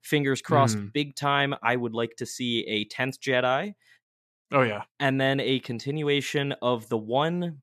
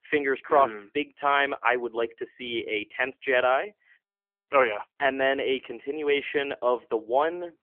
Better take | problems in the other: first | phone-call audio; nothing above 3.5 kHz

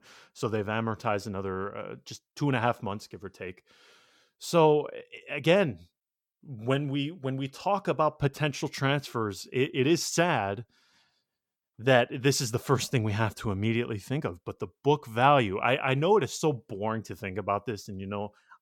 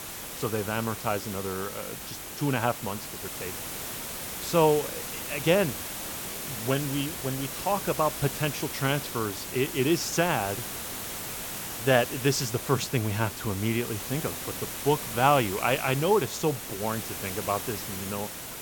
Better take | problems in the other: first | hiss; loud; throughout; 6 dB below the speech

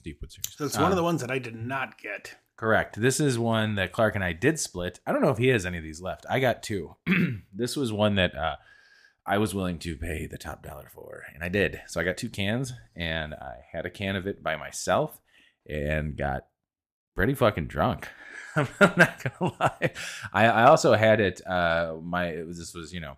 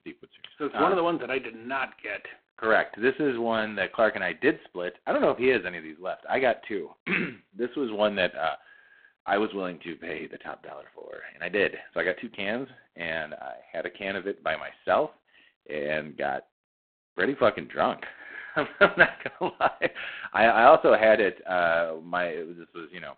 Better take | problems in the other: first | phone-call audio; poor line; nothing above 4 kHz

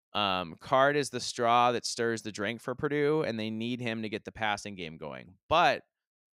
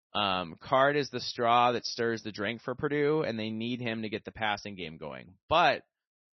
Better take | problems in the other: first | garbled, watery; slightly; nothing above 6 kHz

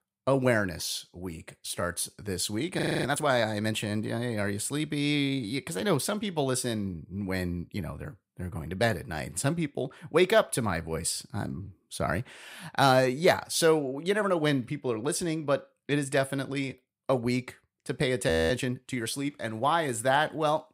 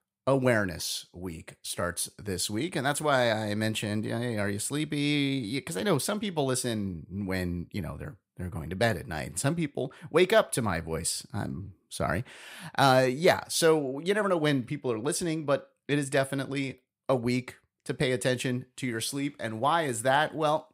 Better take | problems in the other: second | audio freezing; at 3 s and at 18 s

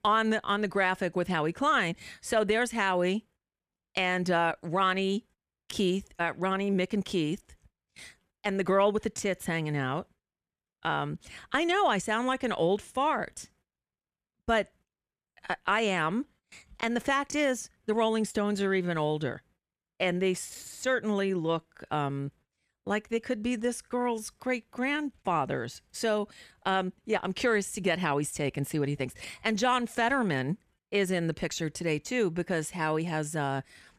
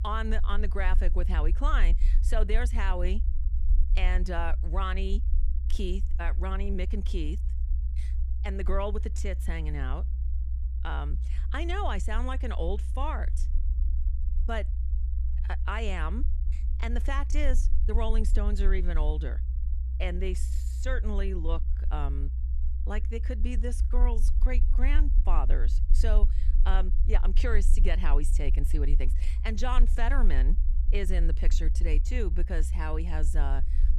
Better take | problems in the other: first | low rumble; noticeable; throughout; 15 dB below the speech

